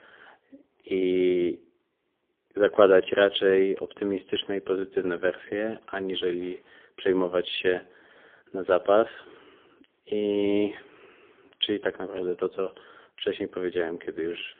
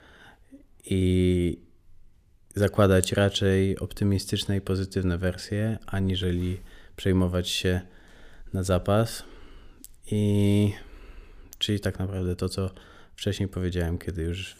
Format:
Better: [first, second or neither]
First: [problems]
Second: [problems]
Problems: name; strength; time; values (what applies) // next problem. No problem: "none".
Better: second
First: phone-call audio; poor line; nothing above 3.5 kHz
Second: none